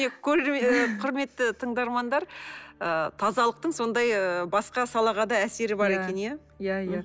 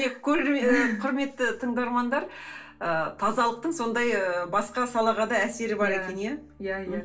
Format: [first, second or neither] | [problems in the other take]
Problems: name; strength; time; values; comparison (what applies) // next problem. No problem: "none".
first | room echo; dies away in 0.3 s